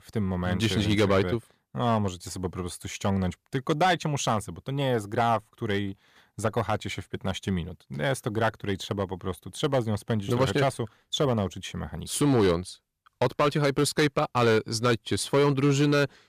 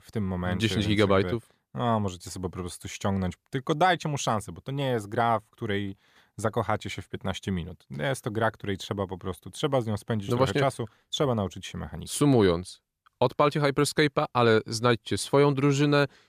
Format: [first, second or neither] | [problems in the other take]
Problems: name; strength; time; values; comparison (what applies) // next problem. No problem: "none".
second | distortion; slight; 4% of the sound clipped